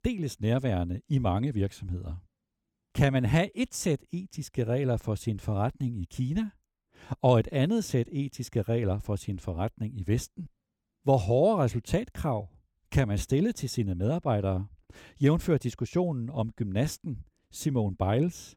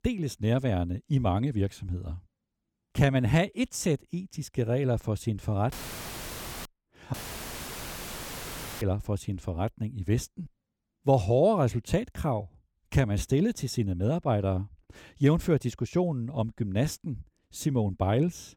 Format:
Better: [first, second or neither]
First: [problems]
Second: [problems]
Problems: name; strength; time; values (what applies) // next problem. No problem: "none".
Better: first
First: none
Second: audio cutting out; filled with static; at 5.5 s for 1 s and at 7 s for 1.5 s